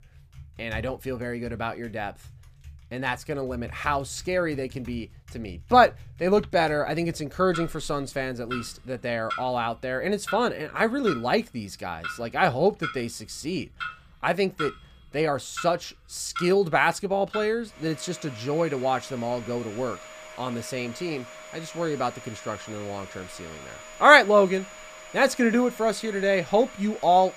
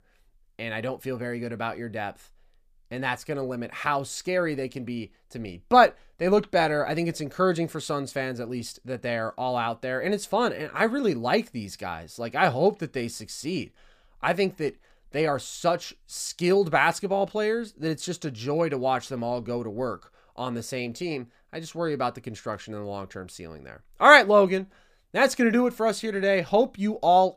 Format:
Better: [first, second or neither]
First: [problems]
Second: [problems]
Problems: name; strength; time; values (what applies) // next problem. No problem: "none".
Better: second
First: household noises; noticeable; throughout; 15 dB below the speech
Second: none